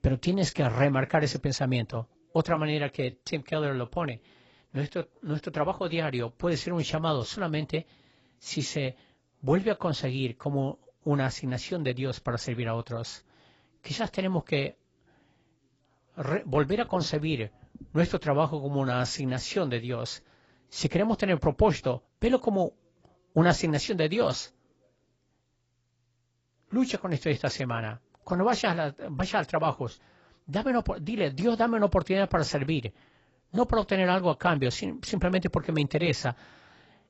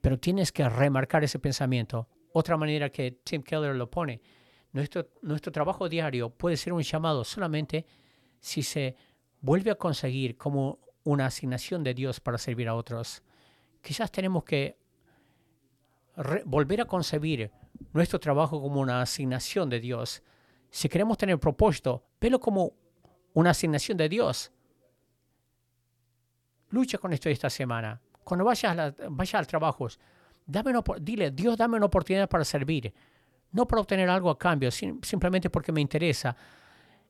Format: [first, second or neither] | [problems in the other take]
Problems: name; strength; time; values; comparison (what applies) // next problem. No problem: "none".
second | garbled, watery; badly; nothing above 7.5 kHz